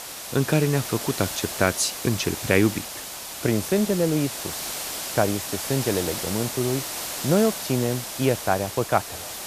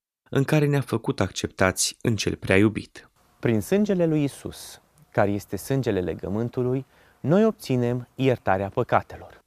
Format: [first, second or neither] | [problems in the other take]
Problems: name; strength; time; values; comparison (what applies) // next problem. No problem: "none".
second | hiss; loud; throughout; 6 dB below the speech